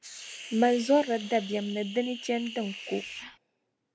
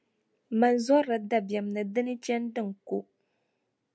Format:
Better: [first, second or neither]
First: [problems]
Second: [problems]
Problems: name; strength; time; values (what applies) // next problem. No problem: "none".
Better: second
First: background sound (Hiss); 13 dB below the speech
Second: none